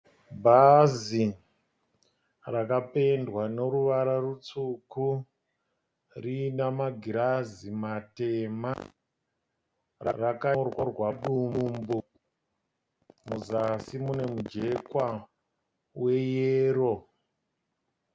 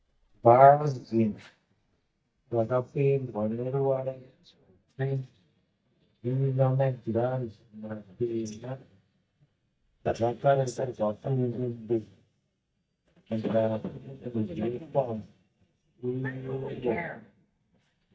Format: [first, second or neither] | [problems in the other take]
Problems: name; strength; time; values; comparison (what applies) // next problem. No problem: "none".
first | noise reduction (neural mask model DeepFilterNet 3)